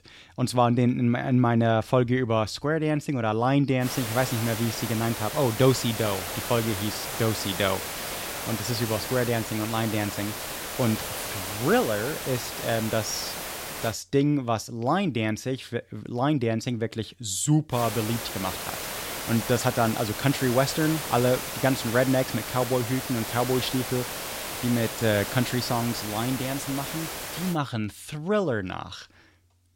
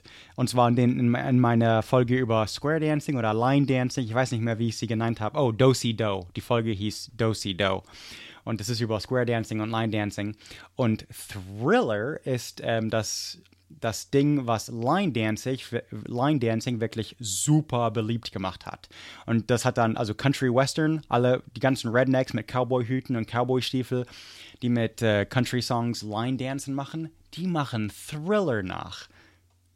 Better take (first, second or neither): second